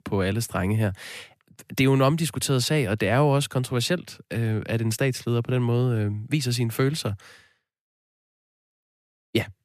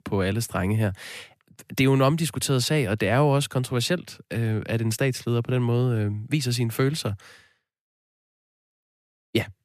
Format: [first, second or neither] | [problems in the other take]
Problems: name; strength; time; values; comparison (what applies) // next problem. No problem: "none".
neither | none